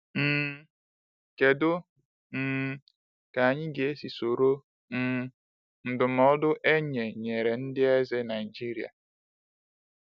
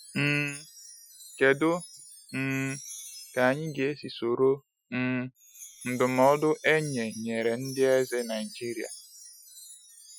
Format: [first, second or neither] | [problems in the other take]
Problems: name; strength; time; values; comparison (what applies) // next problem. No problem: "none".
first | noise reduction (classical method Wiener filter)